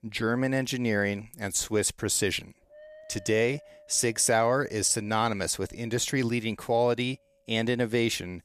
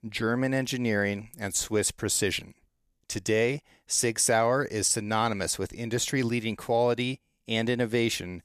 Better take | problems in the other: second | wind noise on the microphone; occasional gusts; 25 dB below the speech

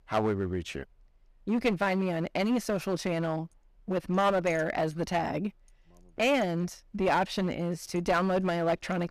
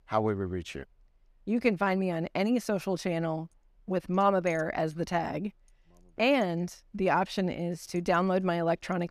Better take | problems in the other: second | distortion; slight; 7% of the sound clipped

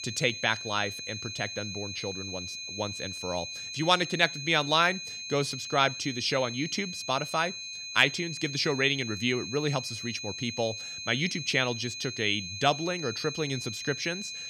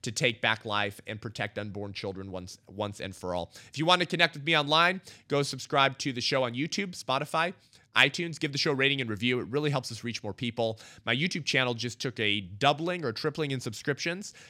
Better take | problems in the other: second | high-pitched whine; loud; throughout; 4 kHz, 7 dB below the speech

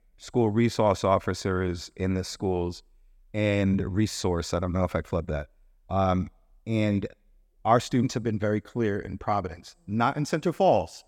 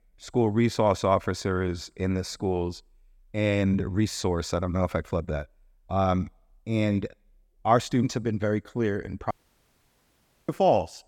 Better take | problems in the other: first | audio cutting out; at 9.5 s for 1 s

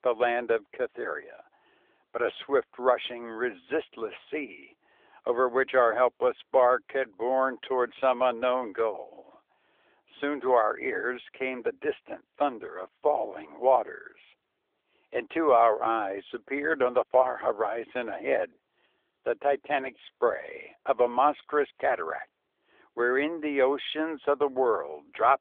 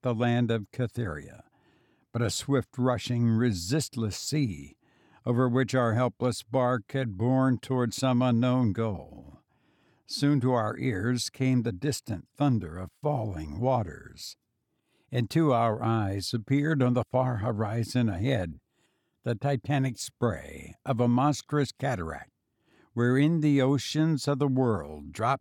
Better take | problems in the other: second | phone-call audio; nothing above 3.5 kHz

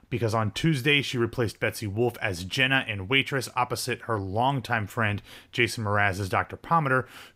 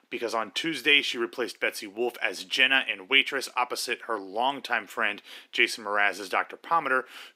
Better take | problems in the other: first | thin; somewhat; fading below 300 Hz

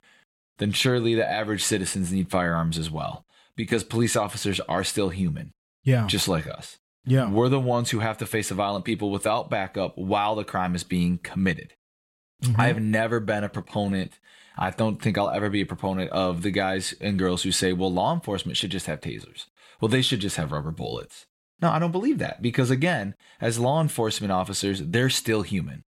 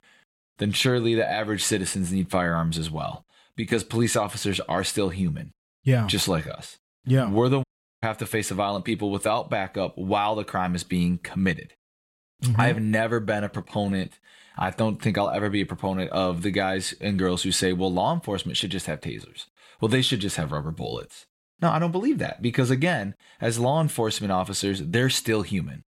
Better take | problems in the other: first | audio cutting out; at 7.5 s

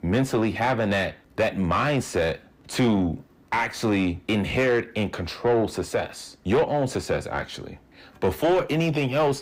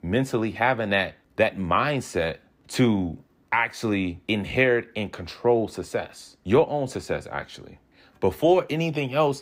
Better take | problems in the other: second | distortion; heavy; 8 dB below the speech

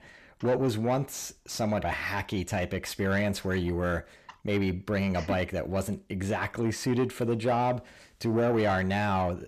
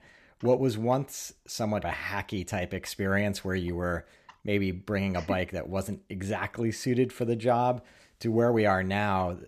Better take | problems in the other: second | distortion; slight; 10 dB below the speech

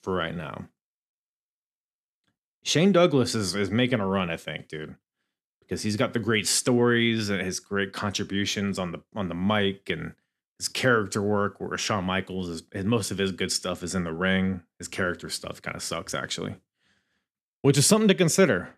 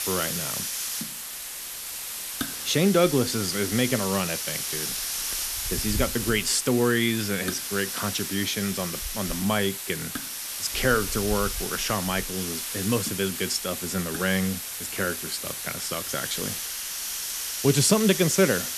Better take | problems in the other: first | hiss; loud; throughout; 3 dB below the speech

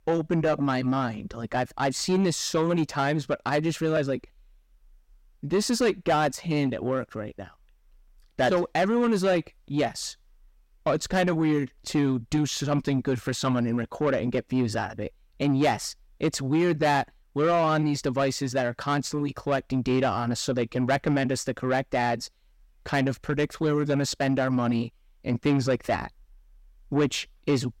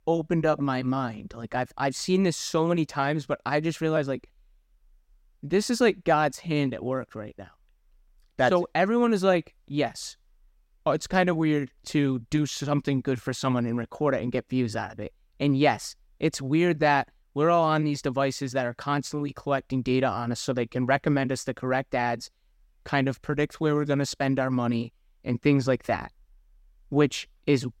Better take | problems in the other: second | distortion; slight; 10 dB below the speech

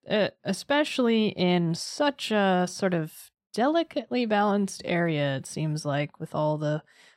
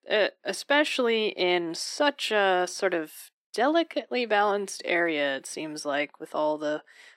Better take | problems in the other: first | thin; somewhat; fading below 300 Hz

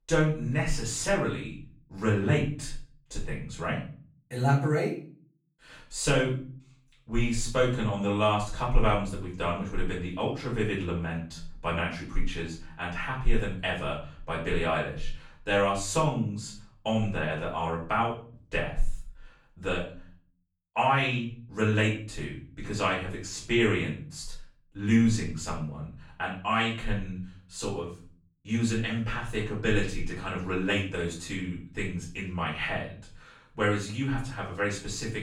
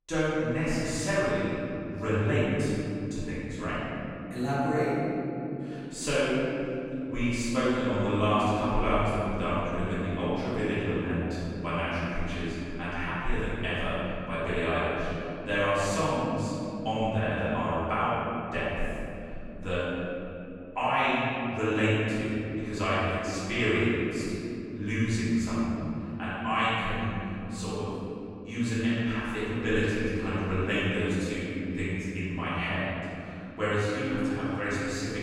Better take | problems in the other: first | room echo; strong; dies away in 3 s; slight in the first // off-mic speech; far; far in the first

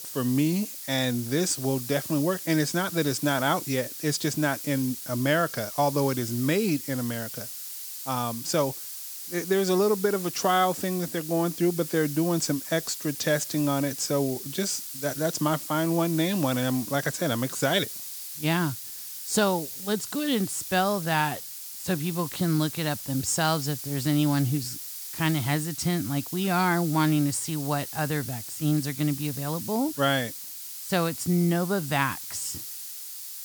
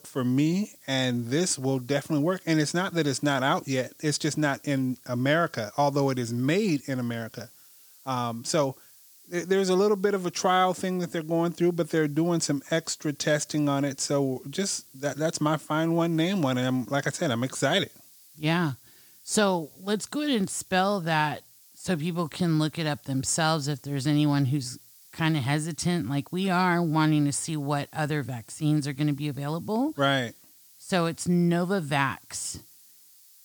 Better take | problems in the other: second | hiss; loud; throughout; 8 dB below the speech; faint in the second

